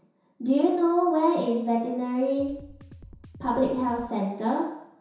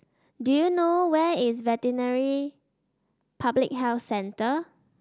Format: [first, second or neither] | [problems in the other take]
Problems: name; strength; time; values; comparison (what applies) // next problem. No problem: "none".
second | background sound (Drum kit); 20 dB below the speech // room echo; dies away in 0.7 s